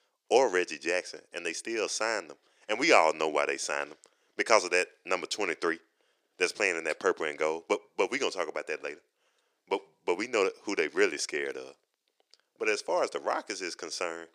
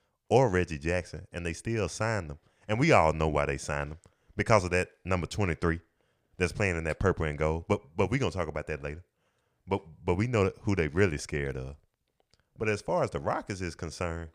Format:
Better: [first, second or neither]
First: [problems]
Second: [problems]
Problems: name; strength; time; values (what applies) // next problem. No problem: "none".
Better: second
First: thin; very; fading below 350 Hz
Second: none